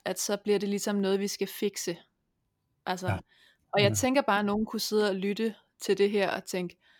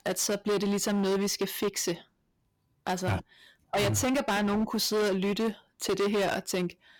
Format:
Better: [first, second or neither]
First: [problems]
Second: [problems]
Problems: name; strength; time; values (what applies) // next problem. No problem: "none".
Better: first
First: none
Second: distortion; heavy; 18% of the sound clipped